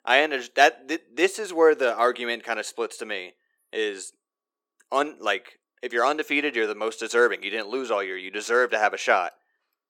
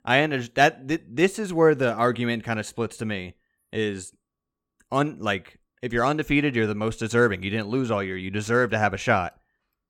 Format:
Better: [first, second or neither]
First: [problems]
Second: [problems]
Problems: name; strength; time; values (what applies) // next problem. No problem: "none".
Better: second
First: thin; somewhat; fading below 350 Hz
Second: none